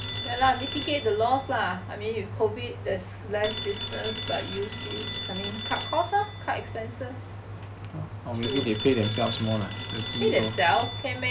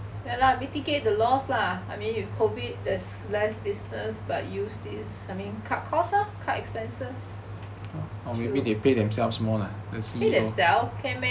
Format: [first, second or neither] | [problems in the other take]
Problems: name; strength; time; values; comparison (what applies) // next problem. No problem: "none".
second | background sound (Telephone); 9 dB below the speech